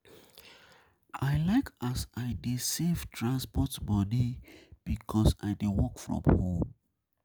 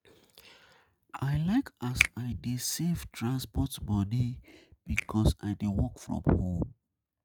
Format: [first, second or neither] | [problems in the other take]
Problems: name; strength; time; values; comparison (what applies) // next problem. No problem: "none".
first | noise reduction (neural mask model RNNoise)